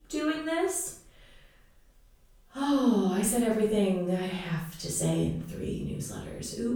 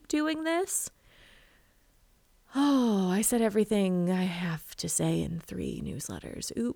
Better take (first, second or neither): second